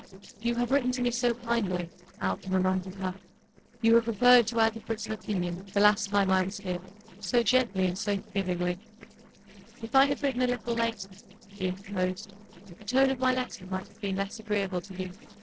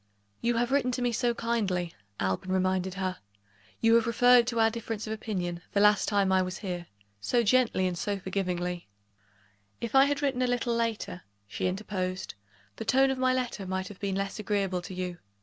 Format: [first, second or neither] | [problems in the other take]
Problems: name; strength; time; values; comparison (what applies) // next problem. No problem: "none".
second | noise reduction (neural separator model SepFormer DNS4)